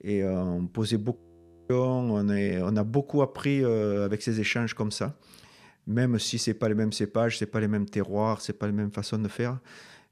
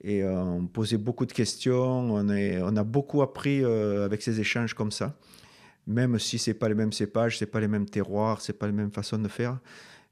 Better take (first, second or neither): second